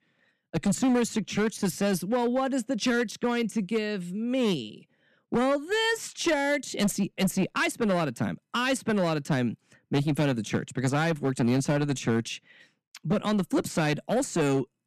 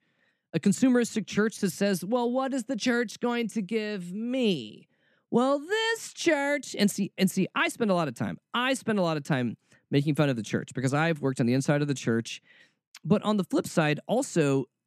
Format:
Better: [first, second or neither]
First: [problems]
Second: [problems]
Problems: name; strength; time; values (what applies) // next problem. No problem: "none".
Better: second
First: distortion; slight; 8% of the sound clipped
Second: none